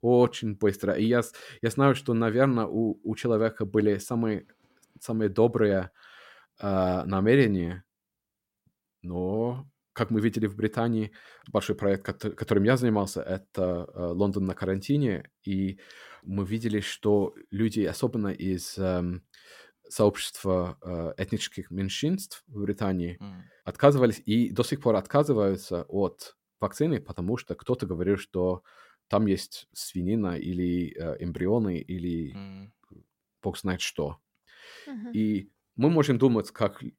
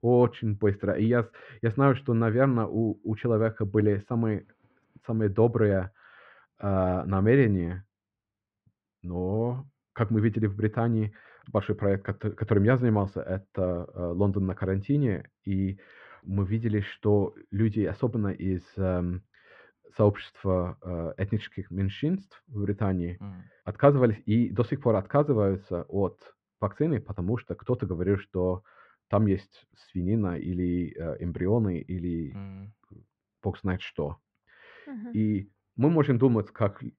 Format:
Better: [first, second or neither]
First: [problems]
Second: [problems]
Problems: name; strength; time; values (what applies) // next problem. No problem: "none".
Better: first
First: none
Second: muffled; very; fading above 2.5 kHz